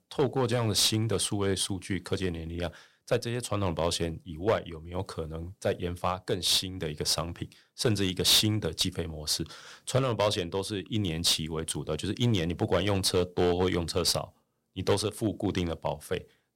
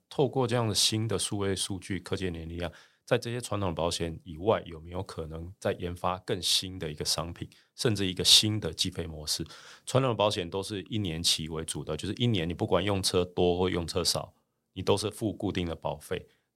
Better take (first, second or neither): second